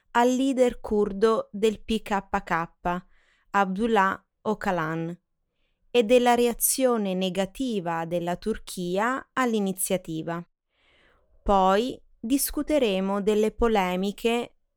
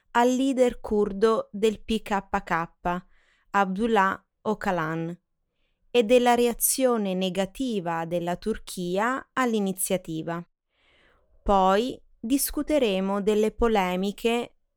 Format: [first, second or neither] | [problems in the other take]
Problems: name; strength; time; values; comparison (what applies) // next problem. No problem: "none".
neither | none